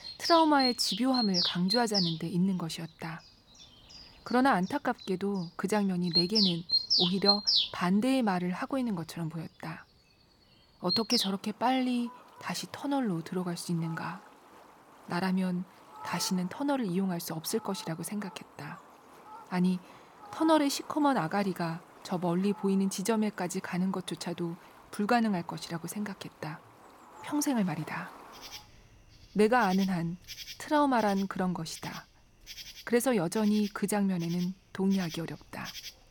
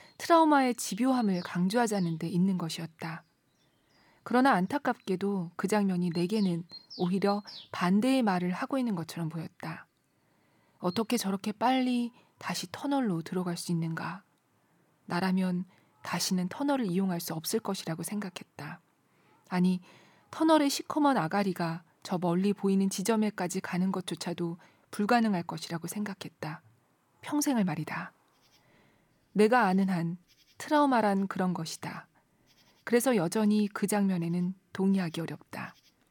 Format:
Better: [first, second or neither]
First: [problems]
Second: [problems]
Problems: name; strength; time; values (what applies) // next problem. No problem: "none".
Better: second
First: animal sounds; loud; throughout; as loud as the speech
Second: animal sounds; faint; throughout; 20 dB below the speech